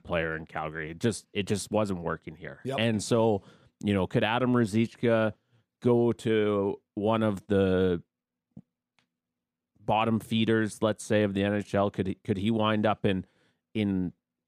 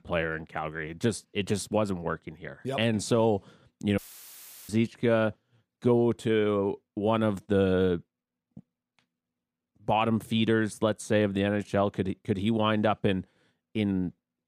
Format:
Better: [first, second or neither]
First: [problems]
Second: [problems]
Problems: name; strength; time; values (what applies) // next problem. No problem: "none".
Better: first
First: none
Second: audio cutting out; filled with static; at 4 s for 0.5 s